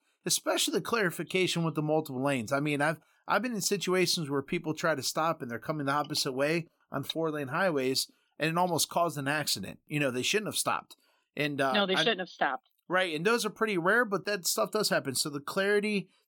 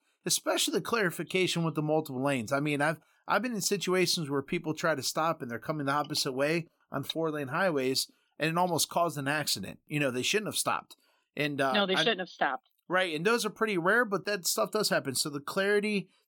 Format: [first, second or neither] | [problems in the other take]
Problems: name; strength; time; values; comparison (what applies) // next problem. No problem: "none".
neither | none